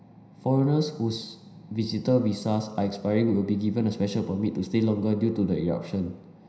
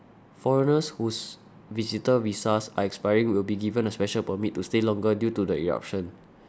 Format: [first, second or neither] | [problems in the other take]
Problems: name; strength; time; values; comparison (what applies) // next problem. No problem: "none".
second | room echo; dies away in 0.9 s